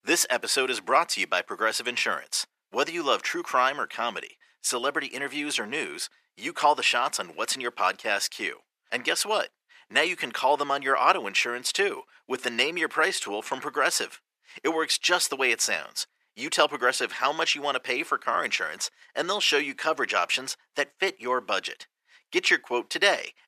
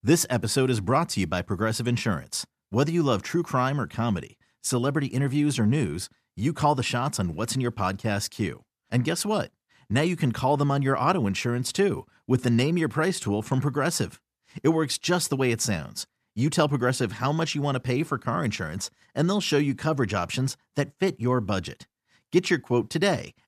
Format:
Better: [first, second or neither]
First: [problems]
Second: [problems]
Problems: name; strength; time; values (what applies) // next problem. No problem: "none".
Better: second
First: thin; very; fading below 450 Hz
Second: none